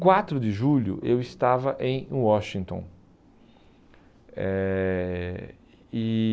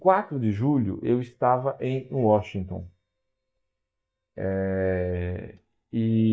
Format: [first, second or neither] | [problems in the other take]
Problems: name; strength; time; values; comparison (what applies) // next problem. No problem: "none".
first | noise reduction (neural mask model DeepFilterNet 3)